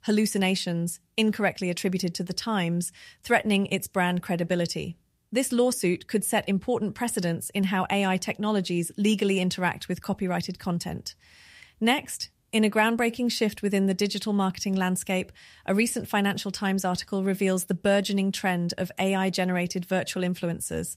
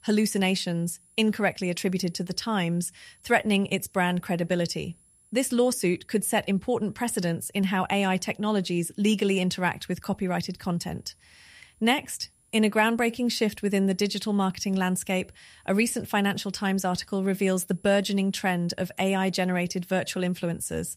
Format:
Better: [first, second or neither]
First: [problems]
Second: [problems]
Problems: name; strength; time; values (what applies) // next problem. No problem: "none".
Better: first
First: none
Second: high-pitched whine; faint; throughout; 10.5 kHz, 35 dB below the speech